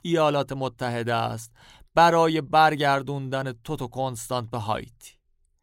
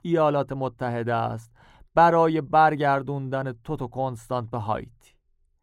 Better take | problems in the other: first | muffled; slightly; fading above 2.5 kHz

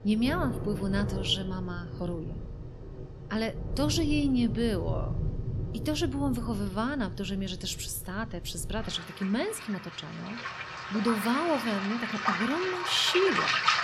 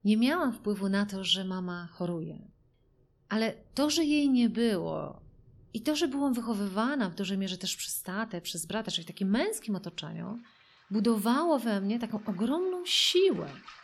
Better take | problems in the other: second | rain or running water; loud; throughout; 4 dB below the speech; faint in the second

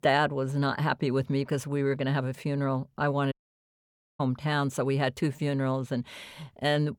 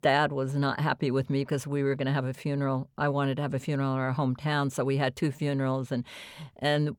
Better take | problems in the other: second | audio cutting out; at 3.5 s for 1 s

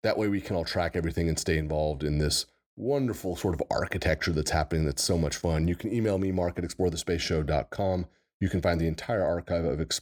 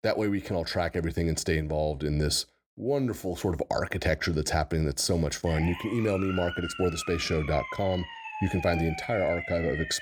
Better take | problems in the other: first | siren; noticeable; from 5.5 s on; peak 6 dB below the speech

